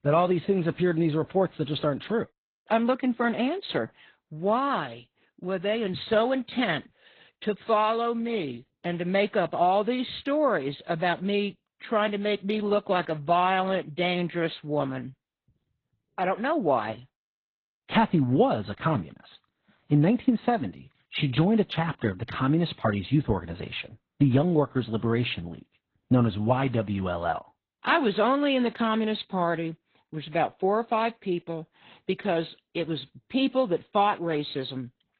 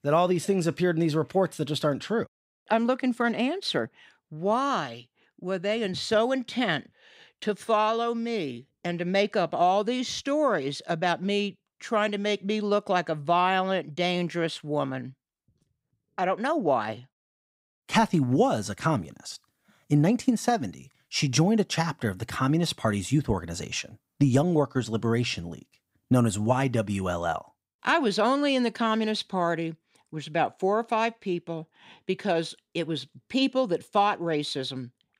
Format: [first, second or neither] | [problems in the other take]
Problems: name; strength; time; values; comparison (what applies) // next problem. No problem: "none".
second | garbled, watery; badly; nothing above 4 kHz